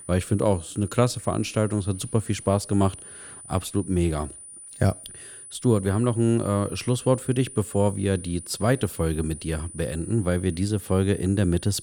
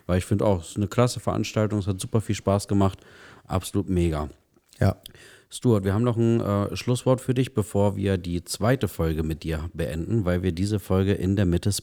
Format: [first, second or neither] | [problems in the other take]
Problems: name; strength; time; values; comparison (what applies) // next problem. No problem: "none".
second | high-pitched whine; noticeable; throughout; 9.5 kHz, 15 dB below the speech